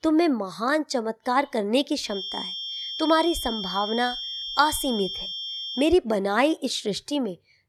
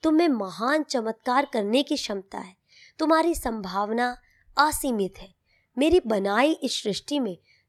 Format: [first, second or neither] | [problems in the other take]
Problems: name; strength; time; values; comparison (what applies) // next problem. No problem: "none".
second | high-pitched whine; loud; from 2 to 6 s; 3 kHz, 6 dB below the speech